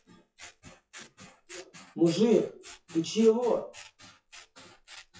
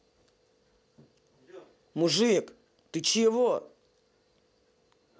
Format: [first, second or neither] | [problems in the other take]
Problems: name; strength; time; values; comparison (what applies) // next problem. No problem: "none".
second | noise reduction (classical method WPE with log-MMSE)